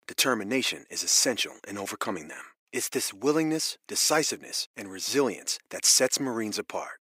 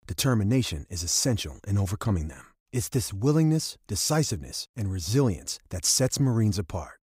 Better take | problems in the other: second | thin; somewhat; fading below 300 Hz

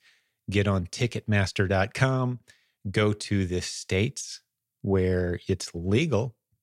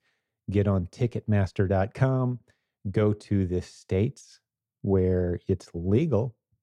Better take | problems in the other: first | muffled; slightly; fading above 1.5 kHz

